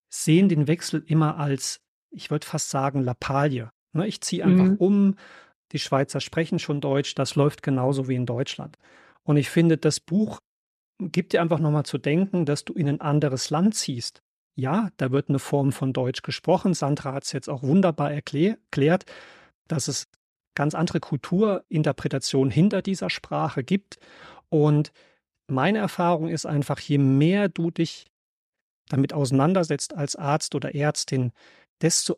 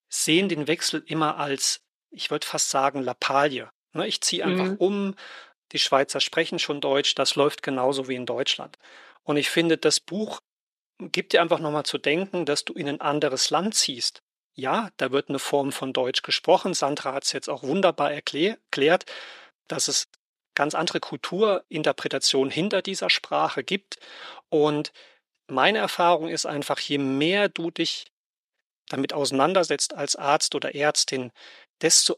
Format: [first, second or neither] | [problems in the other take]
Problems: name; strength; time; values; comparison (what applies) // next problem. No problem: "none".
first | thin; somewhat; fading below 400 Hz